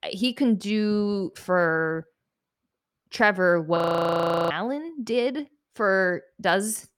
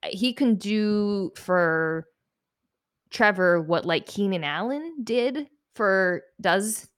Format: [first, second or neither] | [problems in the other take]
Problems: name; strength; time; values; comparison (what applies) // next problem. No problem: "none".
second | audio freezing; at 4 s for 0.5 s